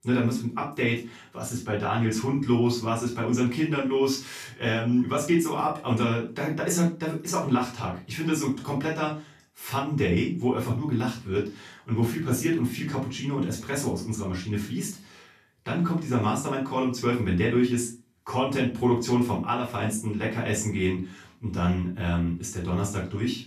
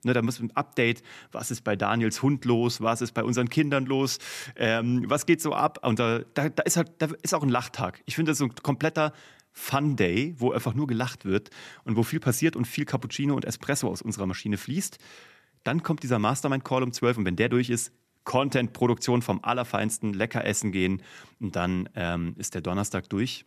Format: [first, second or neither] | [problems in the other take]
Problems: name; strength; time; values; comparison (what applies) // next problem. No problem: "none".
second | off-mic speech; far // room echo; slight; dies away in 0.3 s